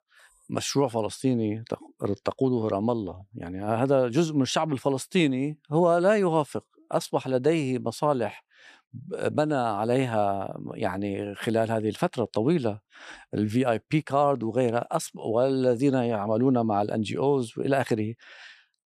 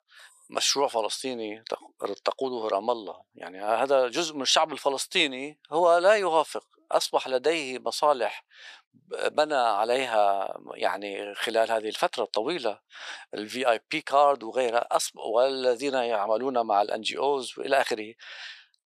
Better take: first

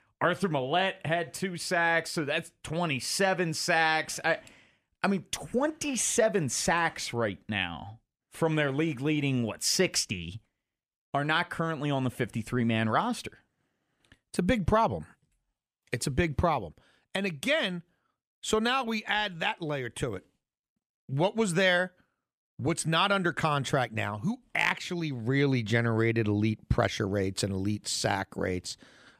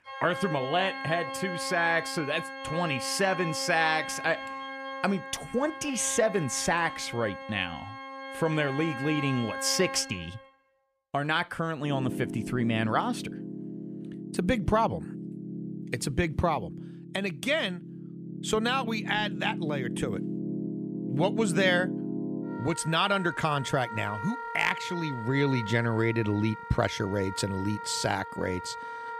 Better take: first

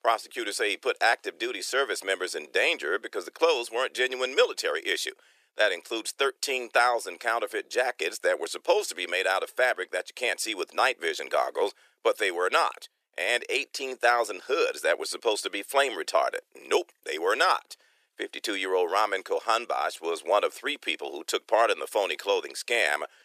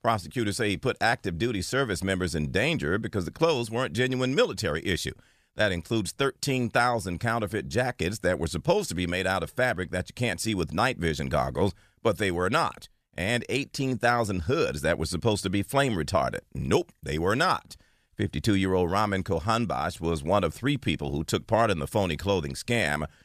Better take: second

